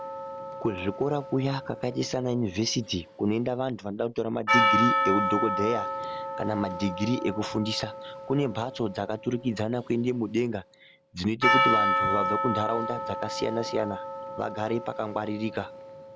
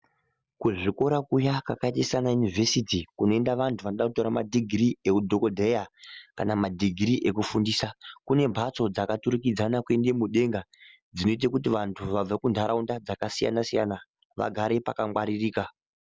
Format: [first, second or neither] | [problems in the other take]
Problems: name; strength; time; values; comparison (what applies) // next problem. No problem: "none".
second | background sound (Percussion); 1 dB below the speech